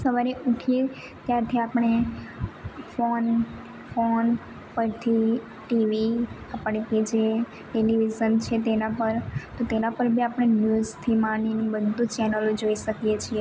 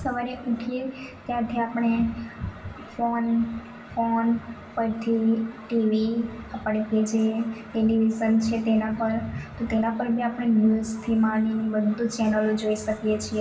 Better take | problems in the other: first | room echo; dies away in 0.8 s

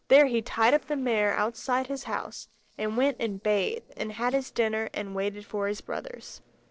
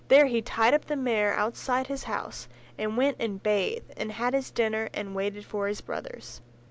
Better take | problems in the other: second | noise reduction (neural separator model SepFormer DNS4)

